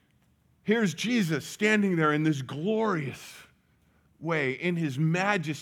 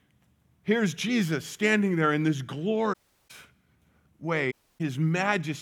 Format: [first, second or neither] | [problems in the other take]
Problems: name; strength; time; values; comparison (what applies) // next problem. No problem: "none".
first | audio cutting out; at 3 s and at 4.5 s